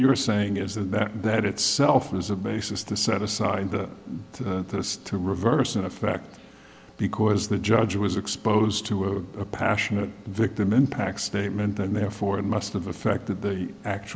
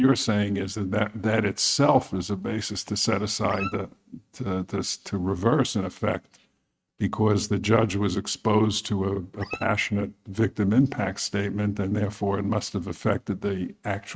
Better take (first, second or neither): first